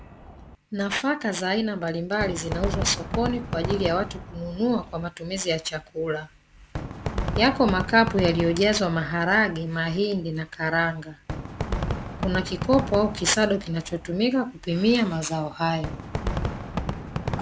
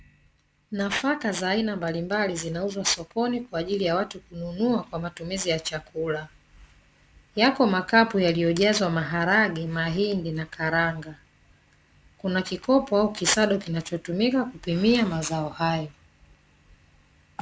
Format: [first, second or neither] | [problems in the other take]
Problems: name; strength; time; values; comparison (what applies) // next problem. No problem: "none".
second | background sound (Fireworks); 7 dB below the speech